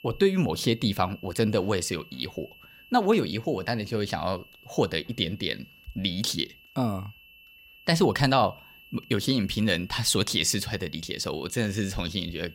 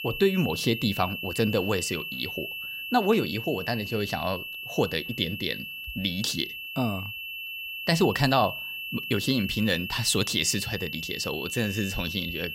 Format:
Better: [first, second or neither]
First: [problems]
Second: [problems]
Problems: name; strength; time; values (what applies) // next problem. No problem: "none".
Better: first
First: high-pitched whine; faint; throughout; 2.5 kHz, 25 dB below the speech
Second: high-pitched whine; loud; throughout; 2.5 kHz, 6 dB below the speech